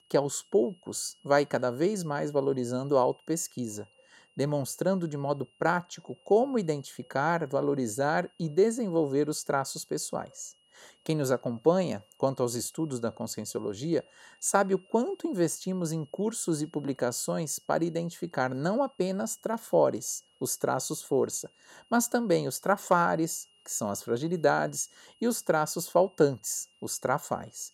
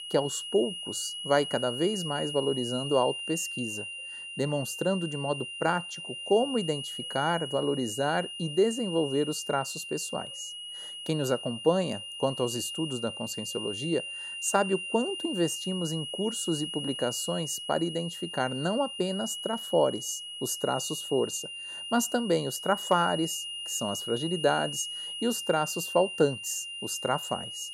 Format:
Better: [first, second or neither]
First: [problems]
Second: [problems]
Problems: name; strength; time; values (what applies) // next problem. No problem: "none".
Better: first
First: high-pitched whine; faint; throughout; 3 kHz, 35 dB below the speech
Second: high-pitched whine; loud; throughout; 3 kHz, 6 dB below the speech